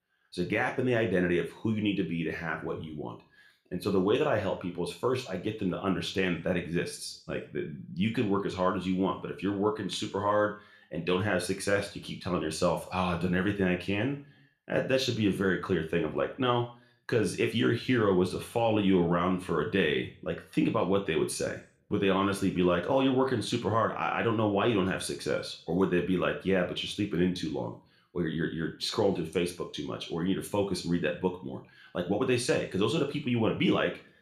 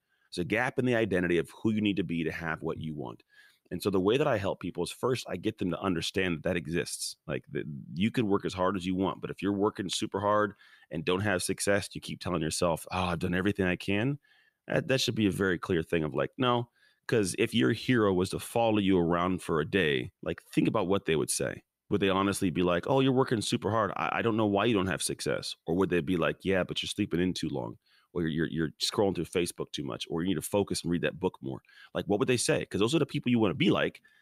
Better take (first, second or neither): second